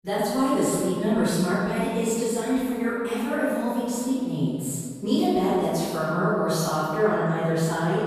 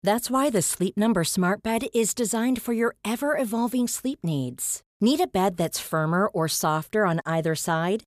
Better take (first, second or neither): second